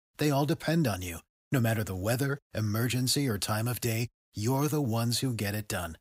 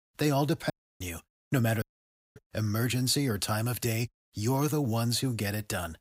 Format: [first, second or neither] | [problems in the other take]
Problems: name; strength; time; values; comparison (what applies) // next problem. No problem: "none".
first | audio cutting out; at 0.5 s and at 2 s for 0.5 s